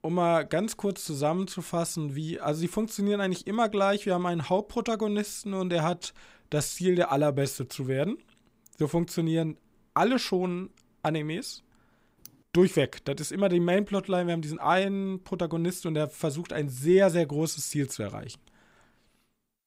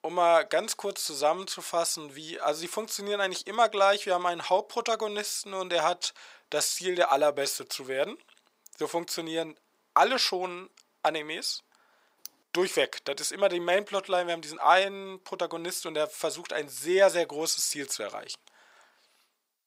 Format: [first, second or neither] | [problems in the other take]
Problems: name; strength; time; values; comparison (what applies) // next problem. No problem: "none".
first | thin; very; fading below 650 Hz